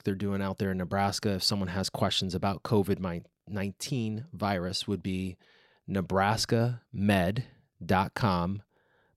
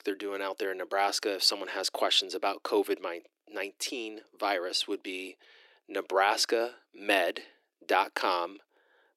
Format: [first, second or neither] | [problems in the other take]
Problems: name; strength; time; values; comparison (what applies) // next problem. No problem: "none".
first | thin; very; fading below 300 Hz